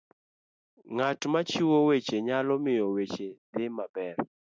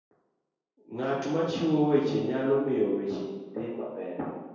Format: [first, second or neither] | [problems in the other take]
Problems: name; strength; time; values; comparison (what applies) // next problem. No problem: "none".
first | room echo; dies away in 1.2 s